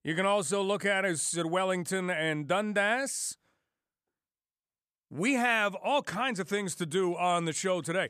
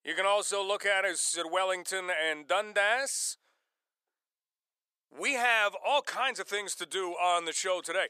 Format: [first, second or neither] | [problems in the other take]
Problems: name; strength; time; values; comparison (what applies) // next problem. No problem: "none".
first | thin; very; fading below 500 Hz